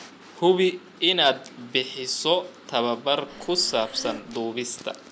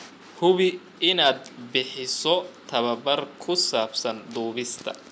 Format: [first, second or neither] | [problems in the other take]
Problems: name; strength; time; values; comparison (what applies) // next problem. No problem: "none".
second | background sound (Breathing); 15 dB below the speech